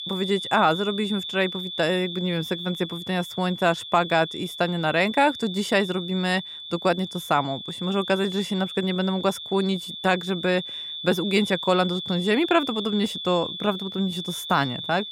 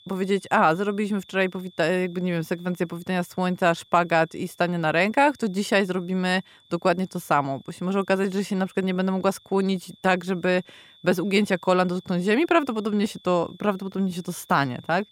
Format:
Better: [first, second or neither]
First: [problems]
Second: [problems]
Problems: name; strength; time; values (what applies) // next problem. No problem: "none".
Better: second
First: high-pitched whine; loud; throughout; 3.5 kHz, 8 dB below the speech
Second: high-pitched whine; faint; throughout; 3.5 kHz, 30 dB below the speech